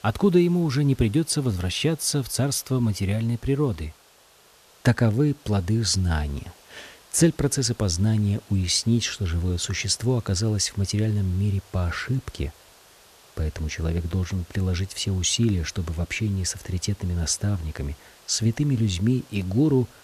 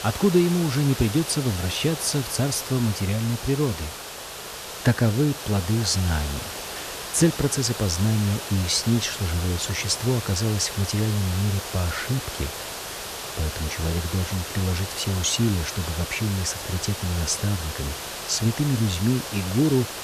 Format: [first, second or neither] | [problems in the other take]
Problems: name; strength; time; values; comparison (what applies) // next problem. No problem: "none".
first | hiss; loud; throughout; 7 dB below the speech; faint in the first